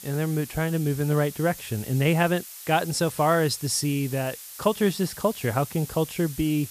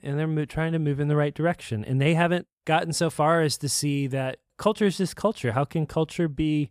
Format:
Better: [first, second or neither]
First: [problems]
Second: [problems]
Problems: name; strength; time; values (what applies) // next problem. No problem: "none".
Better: second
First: hiss; noticeable; throughout; 15 dB below the speech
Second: none